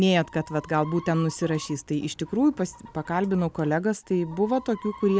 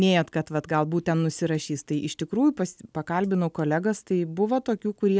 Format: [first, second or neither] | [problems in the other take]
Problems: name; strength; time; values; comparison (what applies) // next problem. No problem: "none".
second | background sound (Chicken, rooster); 20 dB below the speech